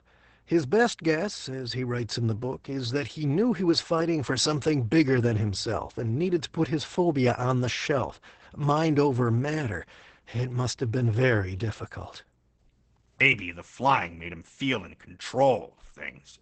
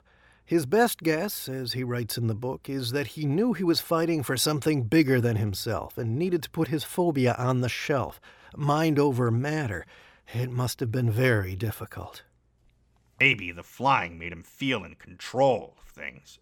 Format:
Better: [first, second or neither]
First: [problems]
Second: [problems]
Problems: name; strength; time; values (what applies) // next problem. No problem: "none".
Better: second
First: garbled, watery; badly; nothing above 8 kHz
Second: none